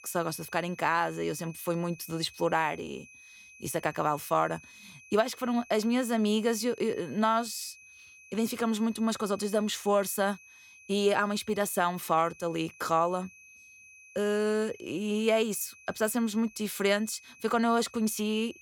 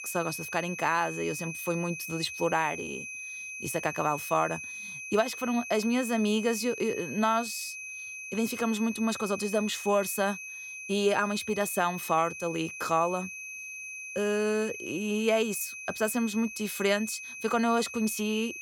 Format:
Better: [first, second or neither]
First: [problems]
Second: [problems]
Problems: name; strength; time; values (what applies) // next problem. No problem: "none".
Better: first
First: high-pitched whine; faint; throughout; 2.5 kHz, 20 dB below the speech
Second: high-pitched whine; loud; throughout; 2.5 kHz, 8 dB below the speech